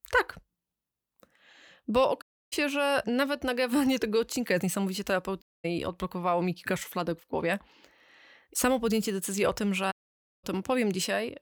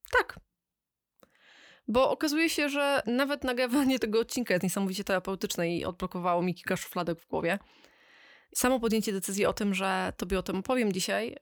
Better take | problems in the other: second | audio cutting out; at 2 s, at 5.5 s and at 10 s for 0.5 s

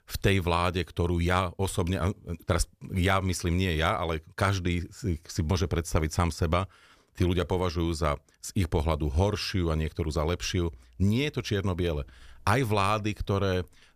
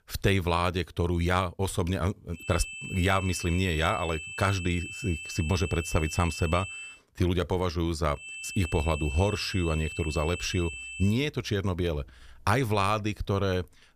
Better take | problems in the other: first | high-pitched whine; loud; from 2.5 to 7 s and from 8 to 11 s; 2.5 kHz, 9 dB below the speech

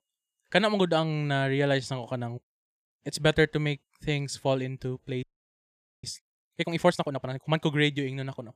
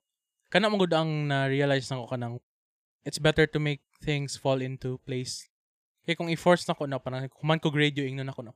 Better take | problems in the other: second | audio freezing; at 5 s for 1 s

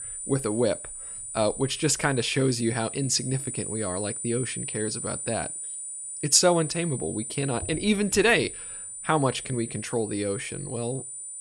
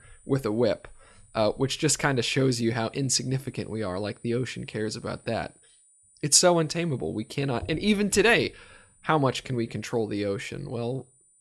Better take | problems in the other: second | high-pitched whine; loud; throughout; 9 kHz, 7 dB below the speech; faint in the second

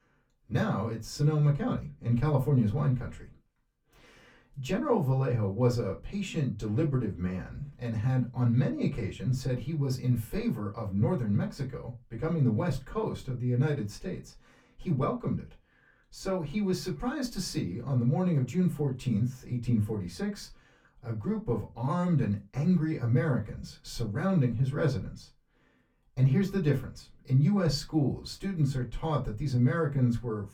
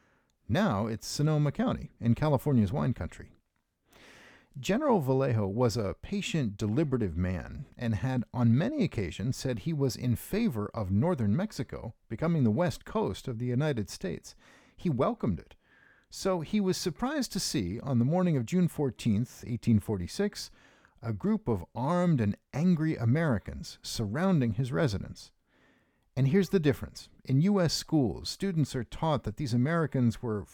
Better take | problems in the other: second | off-mic speech; far // room echo; very slight; dies away in 0.2 s

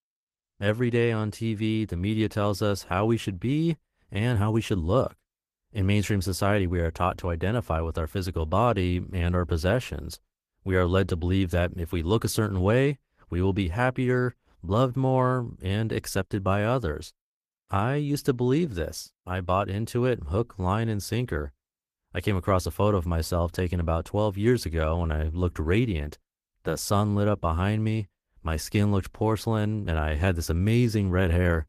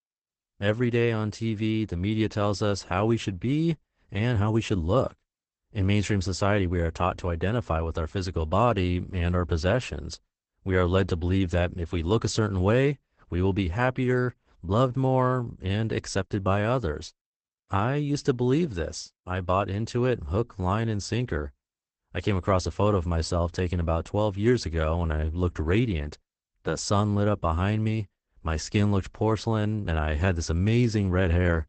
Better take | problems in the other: first | garbled, watery; badly; nothing above 8 kHz; slightly in the first

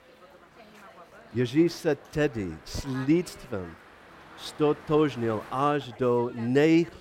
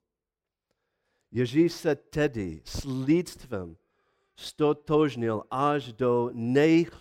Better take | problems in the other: second | animal sounds; faint; throughout; 20 dB below the speech

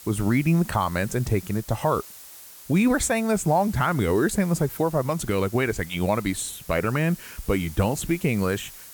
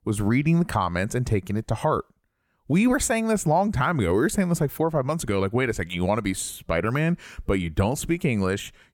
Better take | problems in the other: second | hiss; noticeable; throughout; 15 dB below the speech

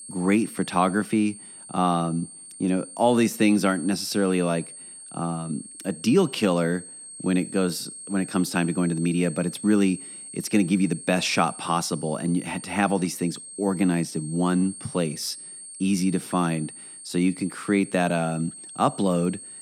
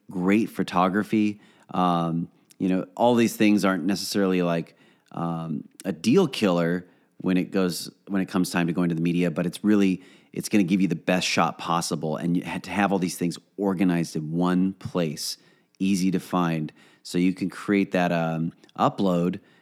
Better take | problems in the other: second | high-pitched whine; noticeable; throughout; 8.5 kHz, 15 dB below the speech

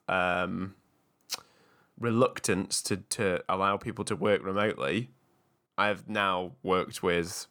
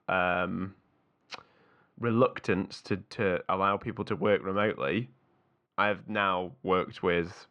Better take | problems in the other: first | muffled; slightly; fading above 3 kHz

